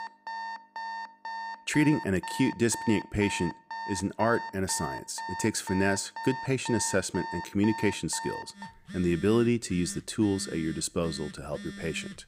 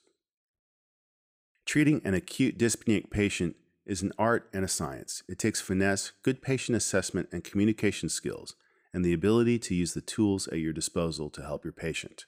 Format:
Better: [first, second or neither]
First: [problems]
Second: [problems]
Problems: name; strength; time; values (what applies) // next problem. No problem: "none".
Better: second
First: alarms or sirens; noticeable; throughout; 10 dB below the speech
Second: none